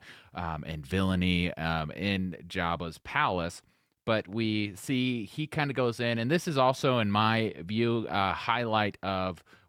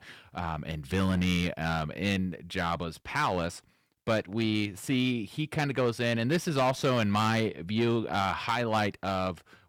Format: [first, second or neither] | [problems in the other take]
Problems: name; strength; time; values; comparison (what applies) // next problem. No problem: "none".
first | distortion; slight; 4% of the sound clipped